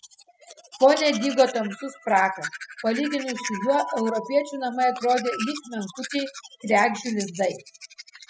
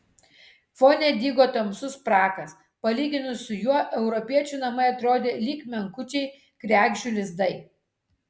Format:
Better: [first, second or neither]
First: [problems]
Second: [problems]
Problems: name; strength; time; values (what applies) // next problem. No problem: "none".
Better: second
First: noise reduction (classical method spectral subtraction)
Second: none